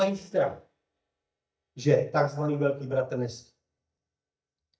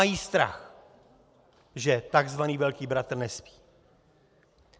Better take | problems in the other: second | noise reduction (neural mask model DeepFilterNet 3)

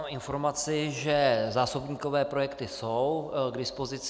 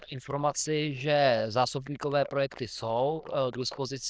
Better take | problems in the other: first | noise reduction (neural diffusion model UNIVERSE++)

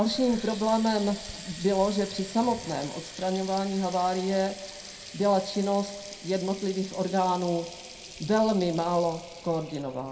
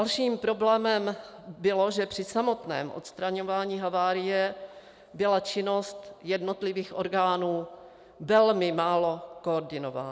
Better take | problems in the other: second | background sound (Water tap, faucet); 15 dB below the speech // room echo; dies away in 0.2 s

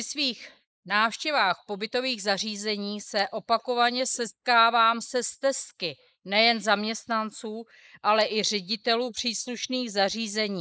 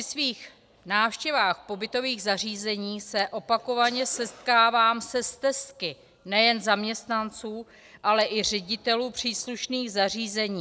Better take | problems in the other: second | noise reduction (neural mask model Resemble Enhance denoiser)

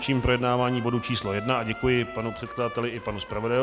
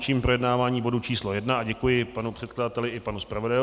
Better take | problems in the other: second | background sound (Trumpet); 14 dB below the speech

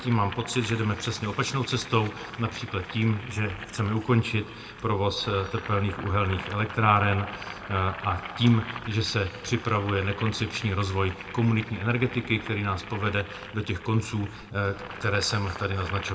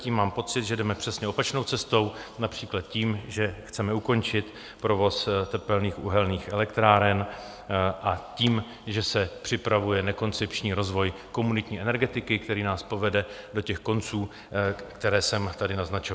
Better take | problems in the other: second | background sound (Boiling); 13 dB below the speech // room echo; dies away in 1.5 s

